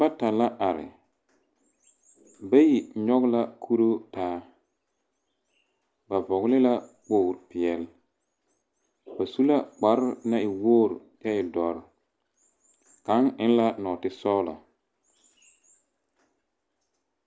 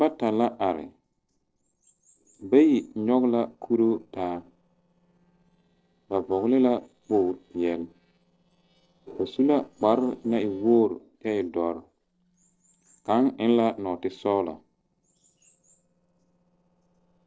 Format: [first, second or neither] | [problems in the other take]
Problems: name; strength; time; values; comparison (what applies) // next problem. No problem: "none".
first | noise reduction (neural separator model SepFormer DNS4)